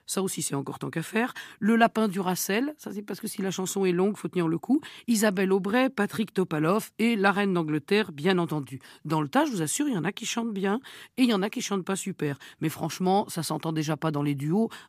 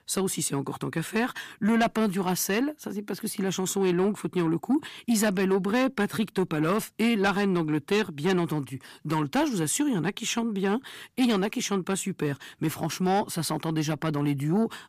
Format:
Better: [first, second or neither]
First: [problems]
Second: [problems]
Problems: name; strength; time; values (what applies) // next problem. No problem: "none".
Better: first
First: none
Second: distortion; slight; 10 dB below the speech